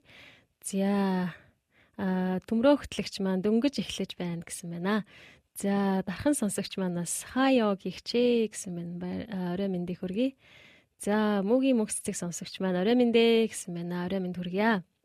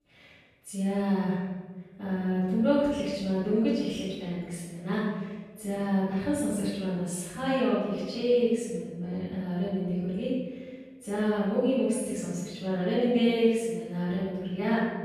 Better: first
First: none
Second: off-mic speech; far // room echo; strong; dies away in 1.4 s

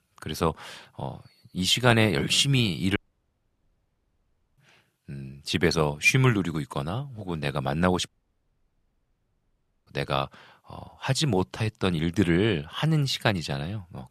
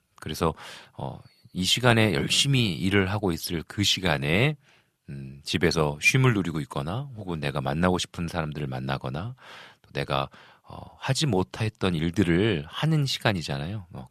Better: second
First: audio cutting out; at 3 s for 1.5 s and at 8 s for 2 s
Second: none

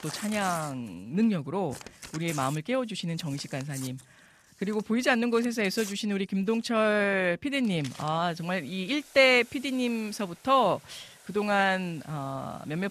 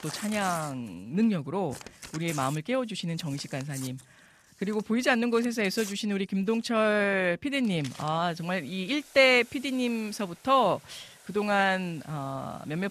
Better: neither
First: household noises; noticeable; throughout; 20 dB below the speech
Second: household noises; noticeable; throughout; 20 dB below the speech

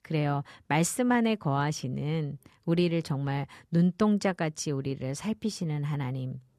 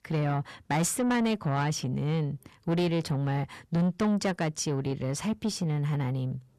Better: first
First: none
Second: distortion; slight; 10 dB below the speech

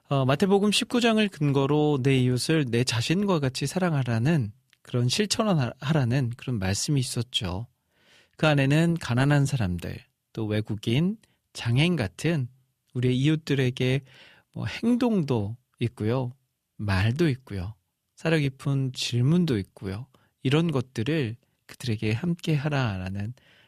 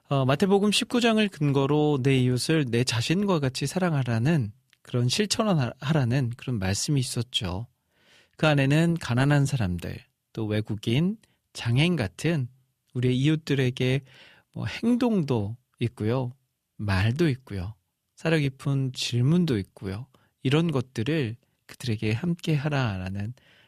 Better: neither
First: none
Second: none

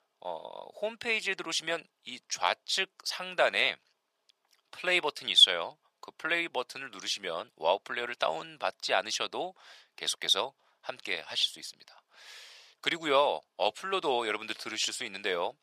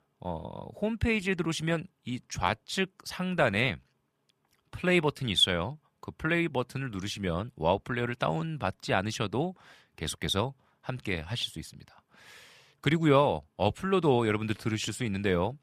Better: second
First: thin; very; fading below 600 Hz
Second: none

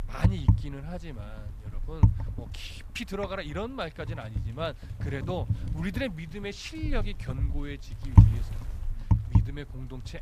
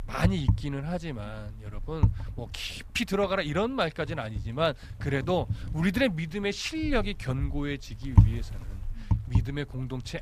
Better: second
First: wind noise on the microphone; heavy; 2 dB below the speech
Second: wind noise on the microphone; occasional gusts; 10 dB below the speech

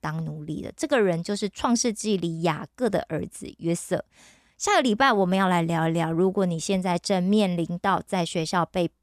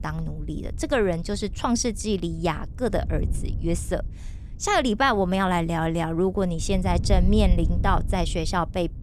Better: first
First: none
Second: wind noise on the microphone; occasional gusts; 20 dB below the speech

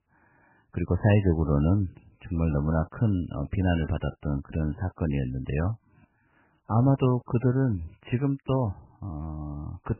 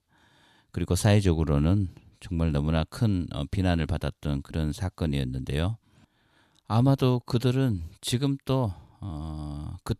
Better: second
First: garbled, watery; badly; nothing above 3 kHz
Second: none

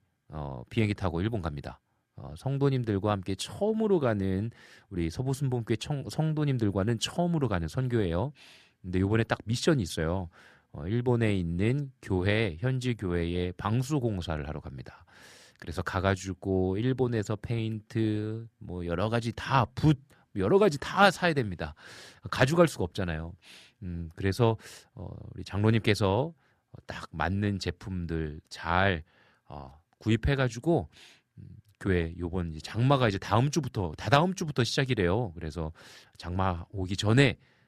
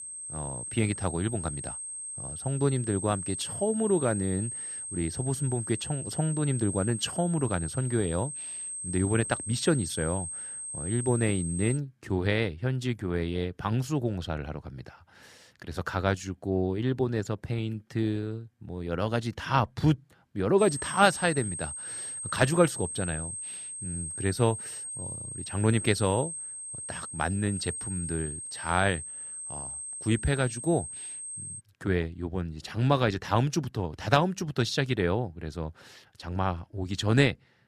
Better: first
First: none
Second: high-pitched whine; loud; until 12 s and from 21 to 32 s; 8.5 kHz, 6 dB below the speech

